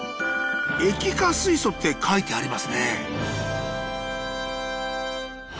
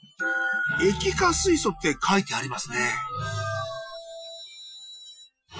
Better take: first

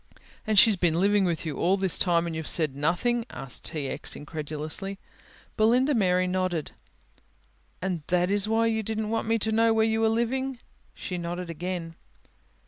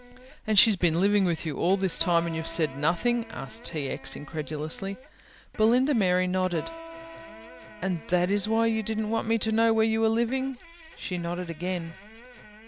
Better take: first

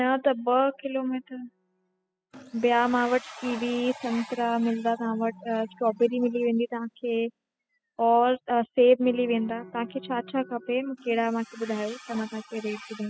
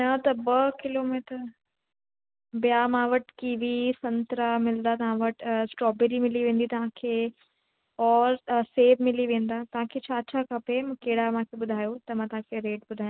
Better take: second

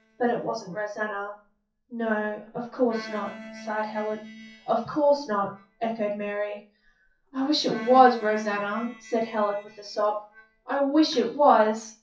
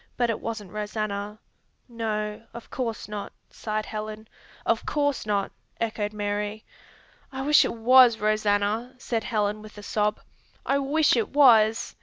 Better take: second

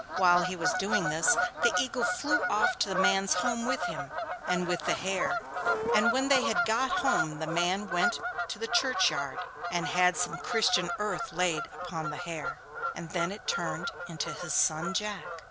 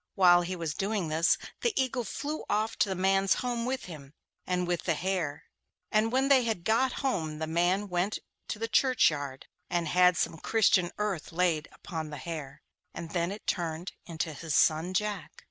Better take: second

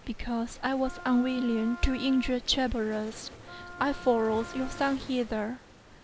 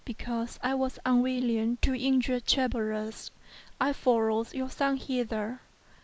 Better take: second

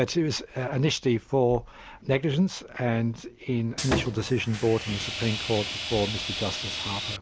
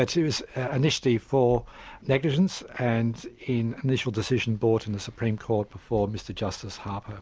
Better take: second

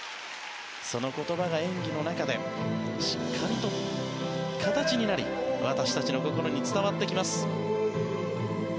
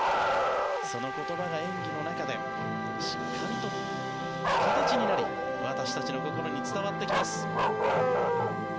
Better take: first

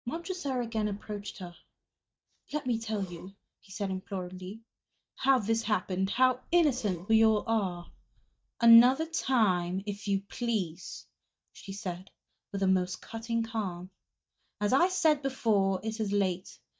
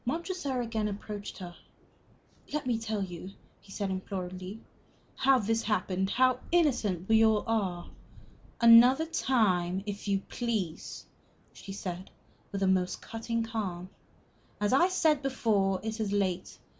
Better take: second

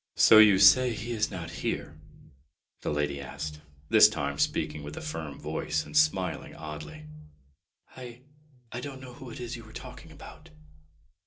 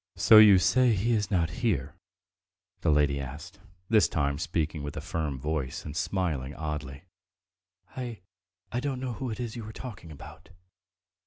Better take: second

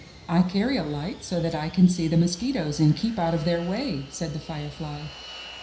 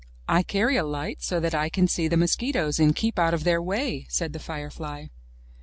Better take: second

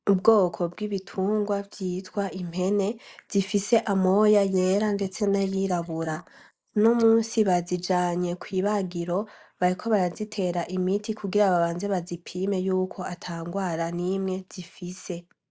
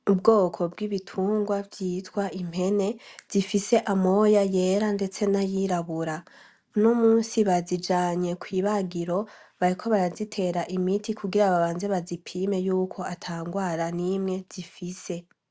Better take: second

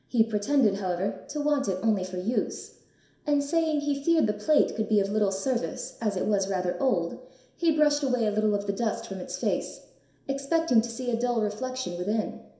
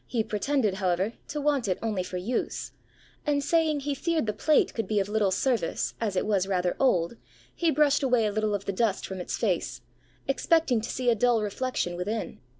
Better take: second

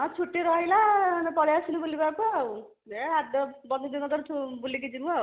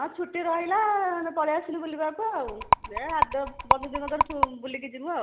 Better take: first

